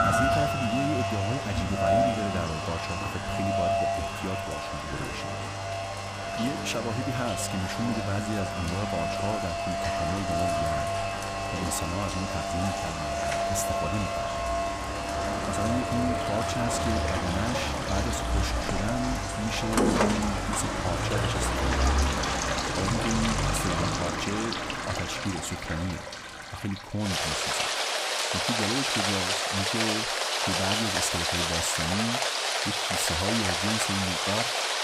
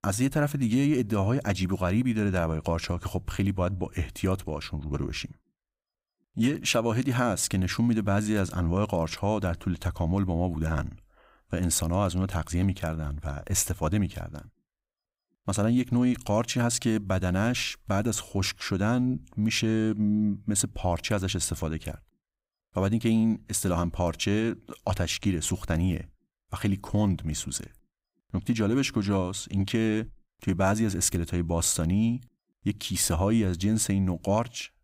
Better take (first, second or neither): second